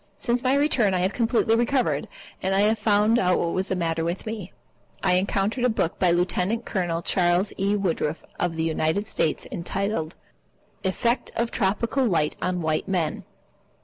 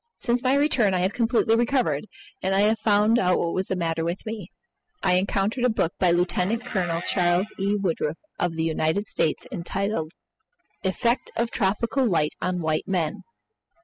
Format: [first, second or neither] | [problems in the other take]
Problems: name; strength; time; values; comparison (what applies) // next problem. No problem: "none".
first | noise reduction (classical method spectral subtraction)